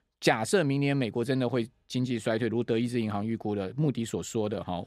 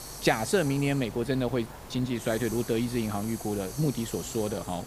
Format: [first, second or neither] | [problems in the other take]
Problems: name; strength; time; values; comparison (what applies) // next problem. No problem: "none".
first | hiss; noticeable; throughout; 10 dB below the speech